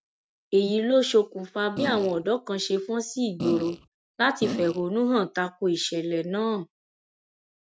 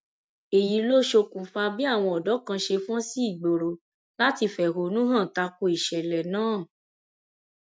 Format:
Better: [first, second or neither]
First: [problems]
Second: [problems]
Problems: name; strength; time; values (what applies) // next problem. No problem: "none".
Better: second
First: background sound (Fart); 6 dB below the speech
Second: none